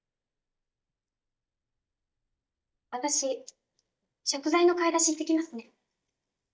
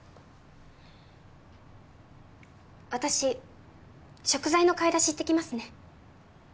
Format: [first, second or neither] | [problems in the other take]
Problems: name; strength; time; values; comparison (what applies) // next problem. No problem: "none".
second | noise reduction (neural mask model DeepFilterNet 3)